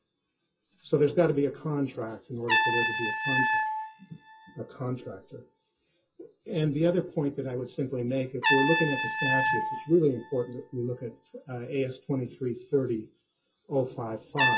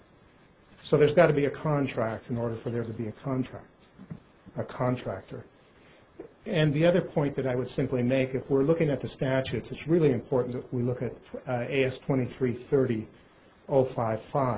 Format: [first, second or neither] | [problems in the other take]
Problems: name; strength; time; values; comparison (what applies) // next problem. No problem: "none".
second | noise reduction (classical method WPE with log-MMSE)